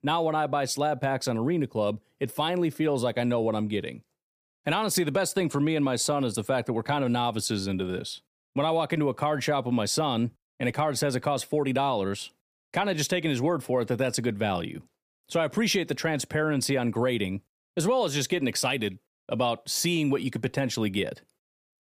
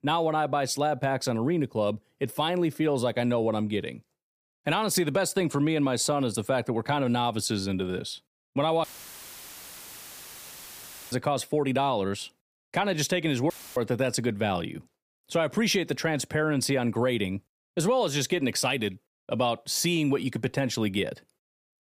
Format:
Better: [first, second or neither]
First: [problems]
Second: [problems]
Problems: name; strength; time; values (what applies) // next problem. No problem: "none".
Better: first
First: none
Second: audio cutting out; filled with static; at 9 s for 2.5 s and at 14 s